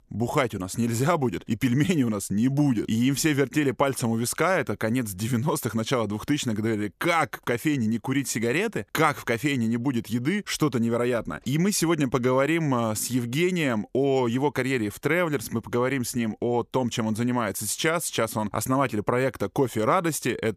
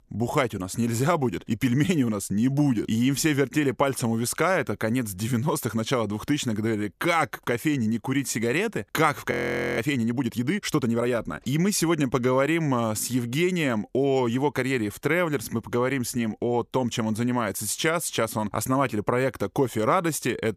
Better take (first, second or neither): first